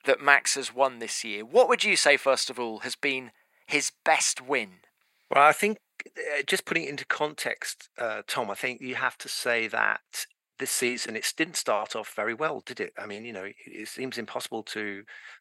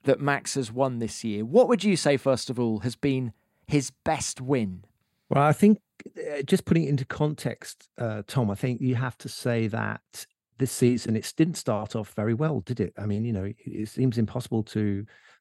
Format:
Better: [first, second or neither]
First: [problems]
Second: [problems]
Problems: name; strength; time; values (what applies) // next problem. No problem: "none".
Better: second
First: thin; very; fading below 700 Hz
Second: none